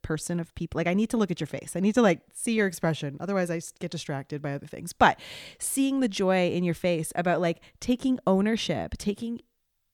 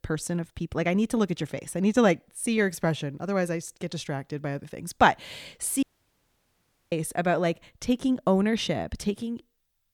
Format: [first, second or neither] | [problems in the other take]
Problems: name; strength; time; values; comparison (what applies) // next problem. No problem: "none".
first | audio cutting out; at 6 s for 1 s